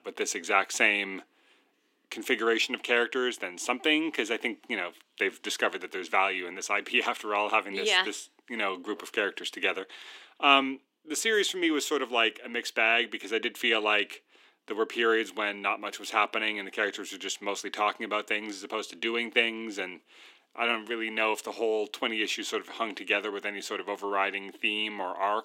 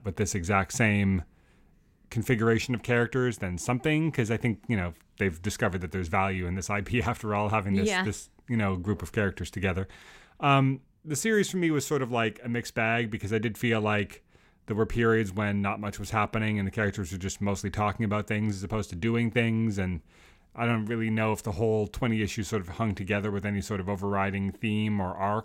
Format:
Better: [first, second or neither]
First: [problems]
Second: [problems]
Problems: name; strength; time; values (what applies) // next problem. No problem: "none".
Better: second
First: thin; very; fading below 300 Hz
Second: none